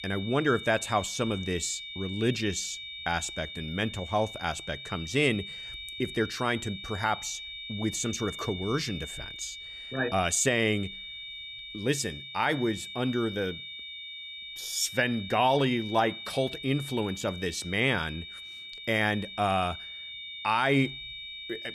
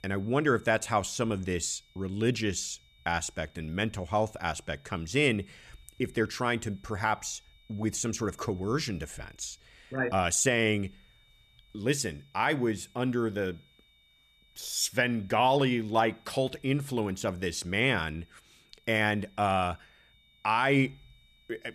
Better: second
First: high-pitched whine; loud; throughout; 3.5 kHz, 9 dB below the speech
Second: high-pitched whine; faint; throughout; 3.5 kHz, 30 dB below the speech

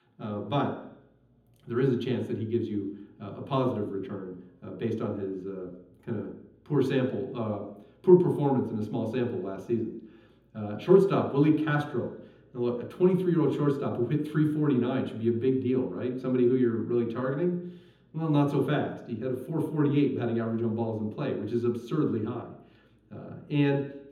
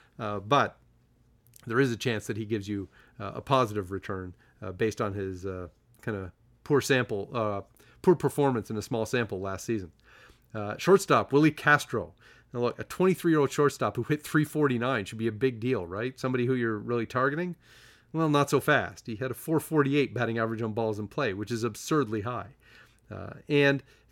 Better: second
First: room echo; noticeable; dies away in 0.8 s // off-mic speech; far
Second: none

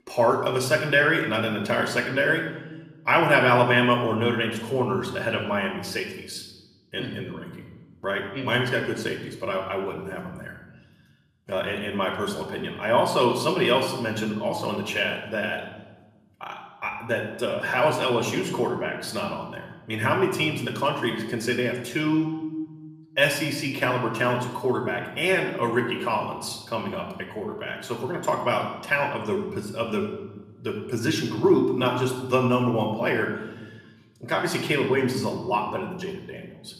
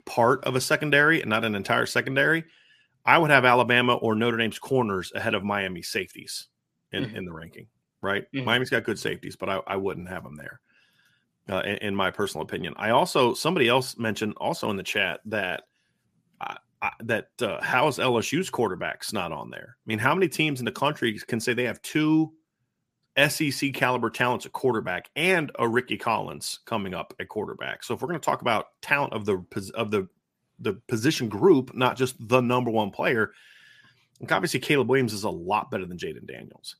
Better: second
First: room echo; slight; dies away in 1 s // off-mic speech; somewhat distant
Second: none

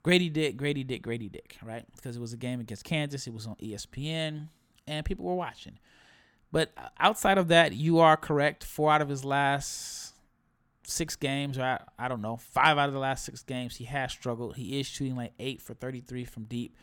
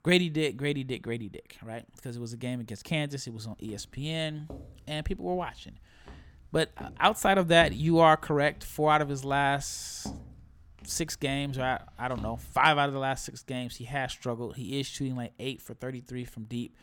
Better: first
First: none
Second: footsteps; faint; from 3.5 to 13 s; peak 10 dB below the speech

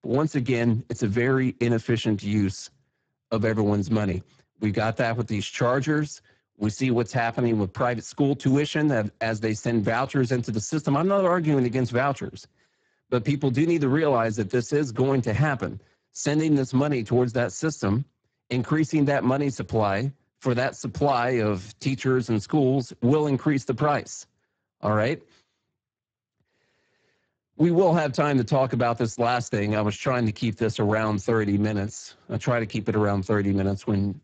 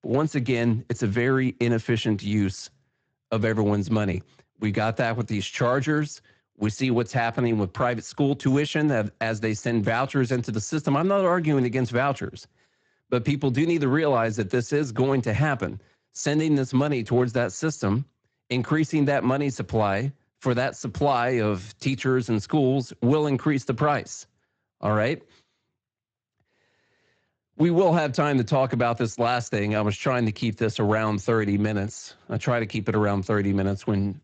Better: second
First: garbled, watery; badly; nothing above 7.5 kHz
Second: garbled, watery; slightly; nothing above 7.5 kHz

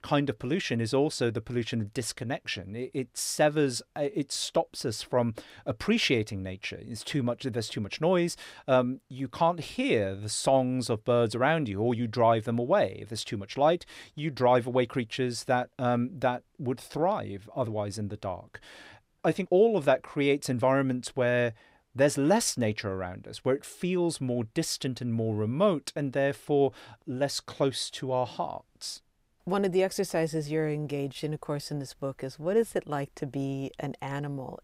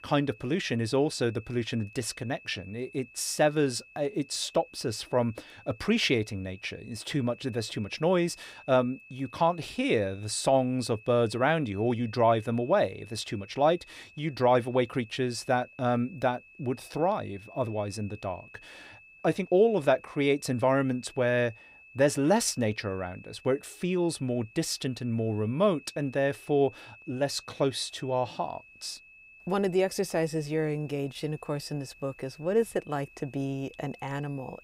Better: first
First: none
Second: high-pitched whine; faint; throughout; 2.5 kHz, 20 dB below the speech

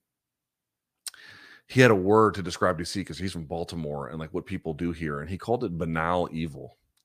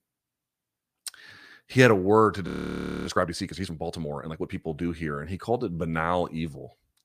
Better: first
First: none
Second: audio freezing; at 2.5 s for 0.5 s

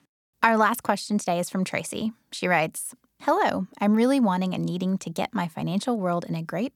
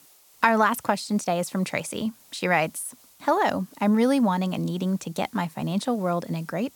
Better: first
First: none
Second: hiss; faint; throughout; 25 dB below the speech

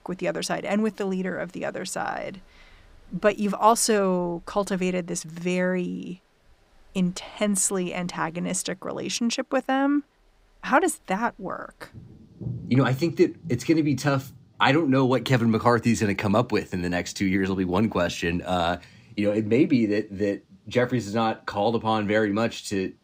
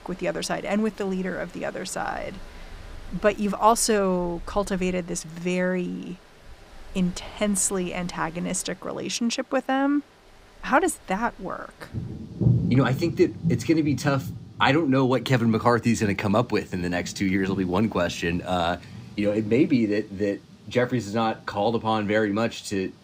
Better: first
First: rain or running water; faint; throughout; 20 dB below the speech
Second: rain or running water; loud; throughout; 10 dB below the speech

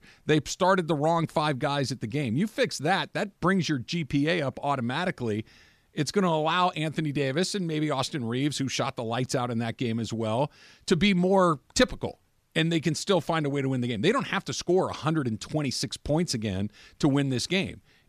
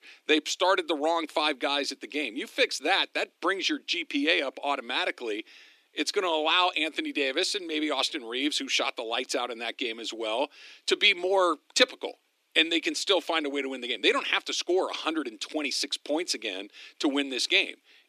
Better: first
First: none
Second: thin; somewhat; fading below 300 Hz

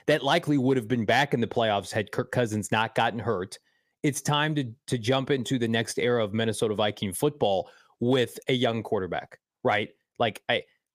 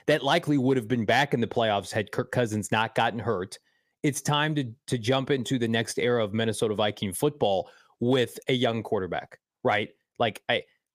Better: neither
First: none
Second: none

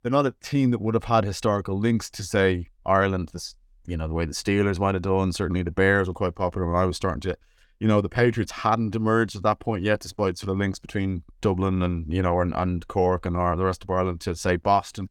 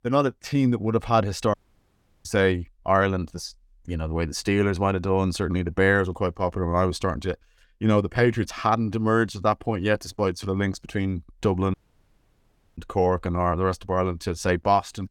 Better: first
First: none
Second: audio cutting out; at 1.5 s for 0.5 s and at 12 s for 1 s

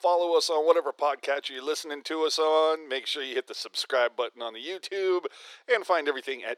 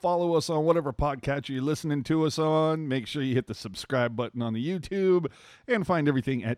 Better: second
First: thin; very; fading below 400 Hz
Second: none

